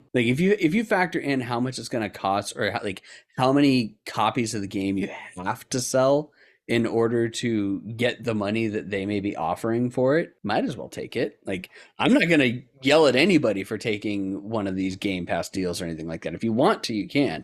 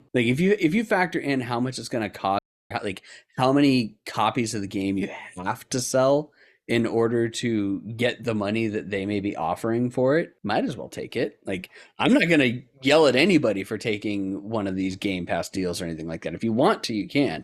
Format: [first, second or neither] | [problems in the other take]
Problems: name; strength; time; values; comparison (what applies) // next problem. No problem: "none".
first | audio cutting out; at 2.5 s